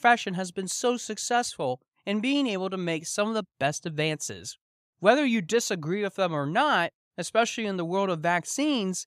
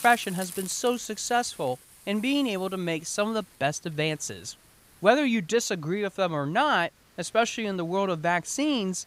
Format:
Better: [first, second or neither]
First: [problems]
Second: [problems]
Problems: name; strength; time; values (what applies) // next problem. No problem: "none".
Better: first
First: none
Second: hiss; noticeable; throughout; 20 dB below the speech